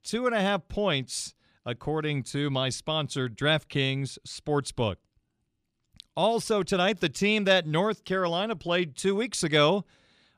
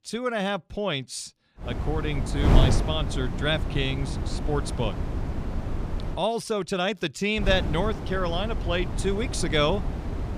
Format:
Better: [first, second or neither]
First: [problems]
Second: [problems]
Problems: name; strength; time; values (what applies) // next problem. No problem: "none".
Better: first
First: none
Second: wind noise on the microphone; heavy; from 1.5 to 6 s and from 7.5 s on; 8 dB below the speech